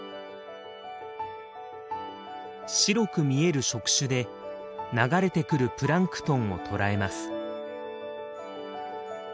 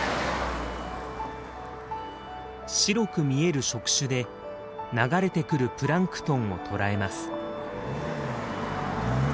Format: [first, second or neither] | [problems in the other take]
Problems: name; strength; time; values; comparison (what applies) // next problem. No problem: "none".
first | background sound (Car passing by); 6 dB below the speech